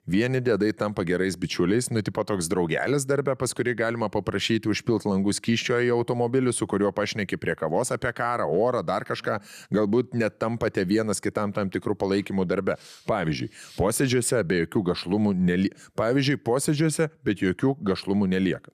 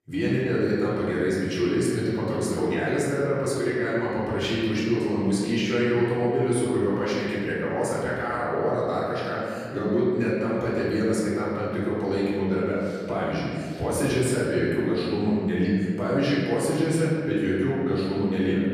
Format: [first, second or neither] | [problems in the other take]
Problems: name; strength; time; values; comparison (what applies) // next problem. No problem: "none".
first | off-mic speech; far // room echo; strong; dies away in 2.3 s